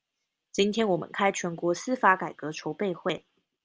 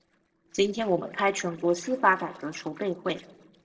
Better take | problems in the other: first | noise reduction (neural separator model SepFormer DNS4)

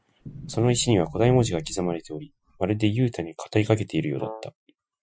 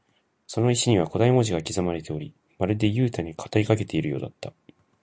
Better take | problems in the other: second | noise reduction (classical method Wiener filter)

